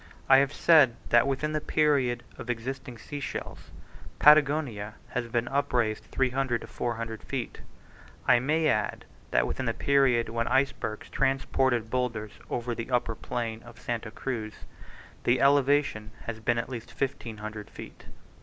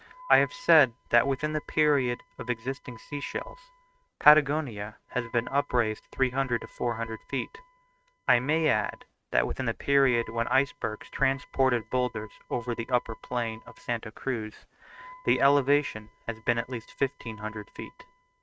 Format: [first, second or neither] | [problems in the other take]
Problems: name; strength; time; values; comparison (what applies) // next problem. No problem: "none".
first | noise reduction (neural mask model RNNoise)